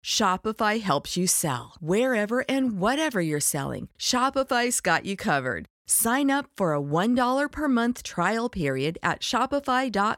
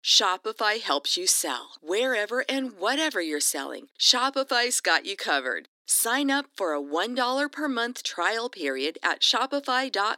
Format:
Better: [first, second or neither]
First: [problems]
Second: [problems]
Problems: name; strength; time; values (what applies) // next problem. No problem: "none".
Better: first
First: none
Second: thin; very slightly; fading below 300 Hz